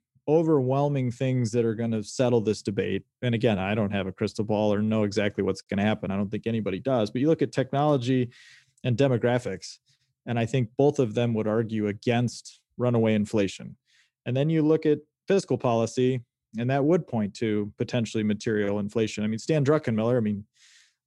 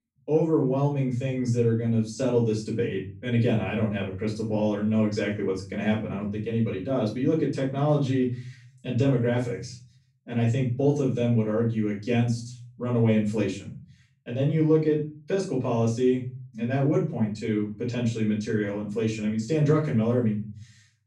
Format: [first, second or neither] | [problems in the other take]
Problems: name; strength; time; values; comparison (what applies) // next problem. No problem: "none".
first | off-mic speech; far // room echo; slight; dies away in 0.4 s